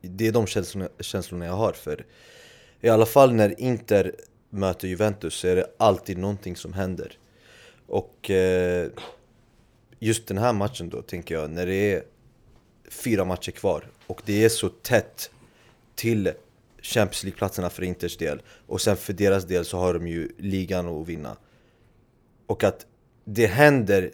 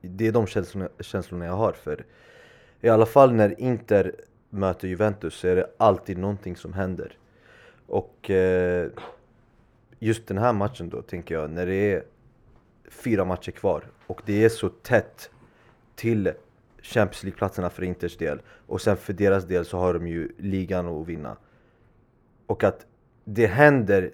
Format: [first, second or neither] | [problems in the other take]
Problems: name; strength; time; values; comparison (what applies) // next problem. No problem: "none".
first | muffled; slightly; fading above 2.5 kHz